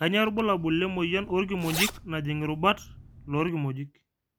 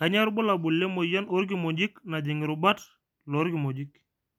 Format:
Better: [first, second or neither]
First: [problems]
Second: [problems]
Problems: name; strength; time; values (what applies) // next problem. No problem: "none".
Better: second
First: background sound (Zipper (clothing)); 11 dB below the speech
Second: none